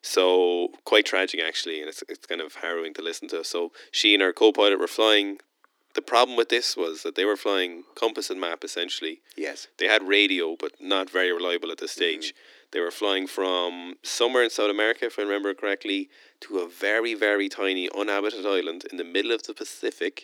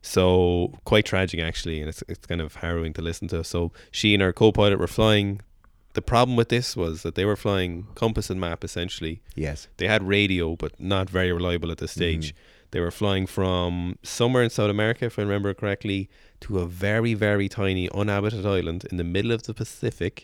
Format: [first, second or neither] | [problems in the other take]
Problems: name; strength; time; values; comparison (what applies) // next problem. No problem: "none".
second | thin; somewhat; fading below 300 Hz